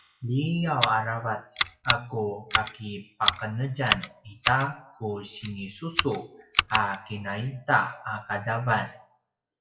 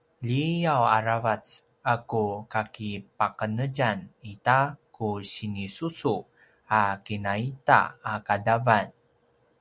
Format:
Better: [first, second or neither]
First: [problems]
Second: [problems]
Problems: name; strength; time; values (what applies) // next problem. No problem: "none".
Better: second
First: noise reduction (classical method WPE with log-MMSE)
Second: none